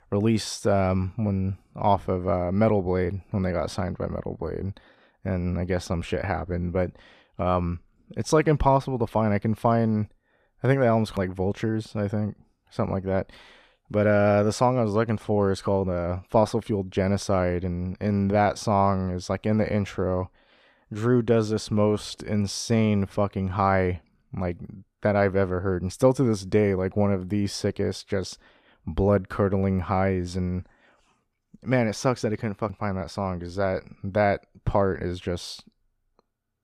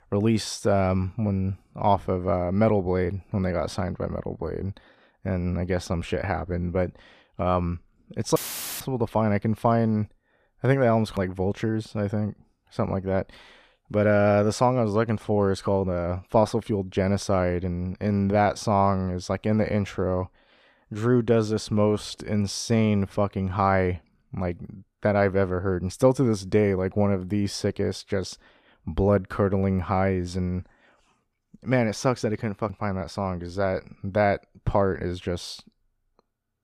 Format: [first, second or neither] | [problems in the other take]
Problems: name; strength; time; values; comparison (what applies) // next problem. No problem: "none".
first | audio cutting out; filled with static; at 8.5 s